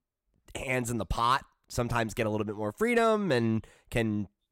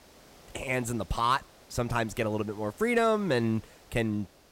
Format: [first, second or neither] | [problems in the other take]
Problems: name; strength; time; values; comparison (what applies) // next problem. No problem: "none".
first | hiss; faint; throughout; 25 dB below the speech